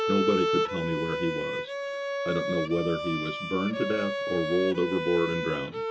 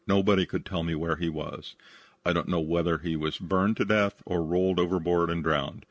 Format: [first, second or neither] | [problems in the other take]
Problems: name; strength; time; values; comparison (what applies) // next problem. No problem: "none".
second | background sound (Bowed string instrument); 1 dB below the speech // room echo; dies away in 0.2 s